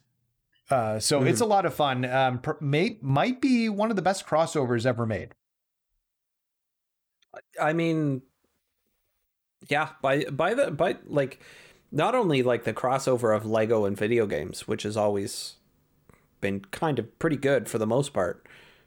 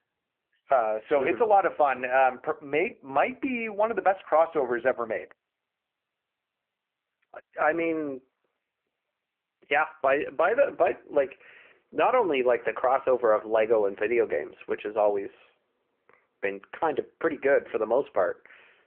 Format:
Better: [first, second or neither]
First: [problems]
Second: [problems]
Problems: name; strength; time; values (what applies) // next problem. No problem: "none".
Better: first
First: none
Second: phone-call audio; poor line